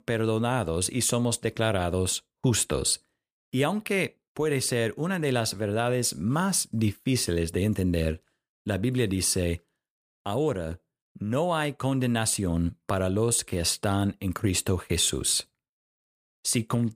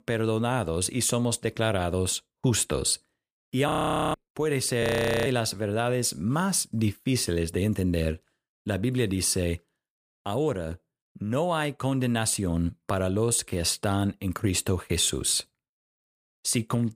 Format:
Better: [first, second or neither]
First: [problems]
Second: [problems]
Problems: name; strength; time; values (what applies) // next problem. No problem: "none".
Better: first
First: none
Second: audio freezing; at 3.5 s and at 5 s